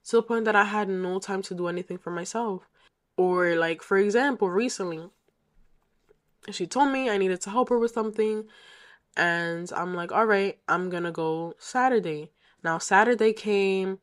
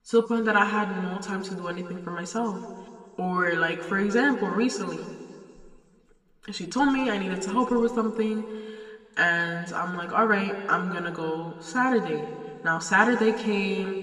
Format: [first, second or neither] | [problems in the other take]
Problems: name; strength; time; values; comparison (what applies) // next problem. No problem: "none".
first | room echo; slight; dies away in 2 s // off-mic speech; somewhat distant